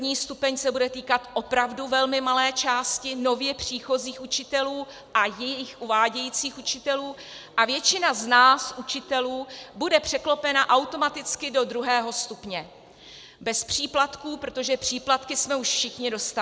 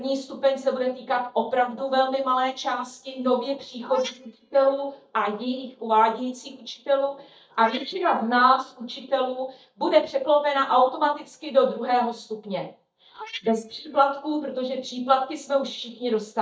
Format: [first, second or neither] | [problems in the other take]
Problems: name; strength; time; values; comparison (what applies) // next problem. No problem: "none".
first | noise reduction (neural mask model DeepFilterNet 3)